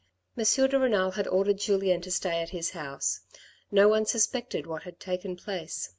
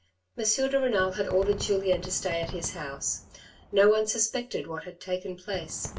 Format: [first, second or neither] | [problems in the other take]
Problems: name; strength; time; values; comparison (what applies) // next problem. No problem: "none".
first | background sound (Fireworks); 16 dB below the speech // room echo; dies away in 0.2 s